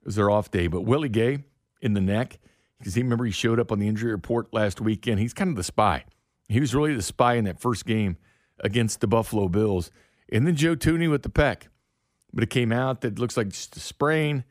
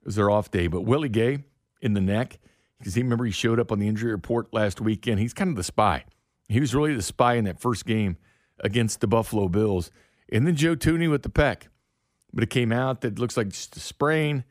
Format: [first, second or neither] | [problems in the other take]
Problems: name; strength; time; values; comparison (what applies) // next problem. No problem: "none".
neither | none